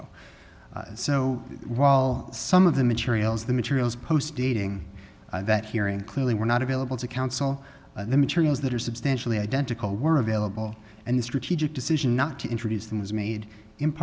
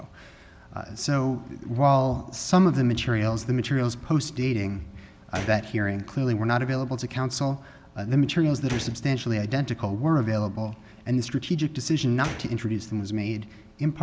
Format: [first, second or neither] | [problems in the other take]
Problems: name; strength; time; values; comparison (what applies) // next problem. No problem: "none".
first | background sound (Gunshot, gunfire); 18 dB below the speech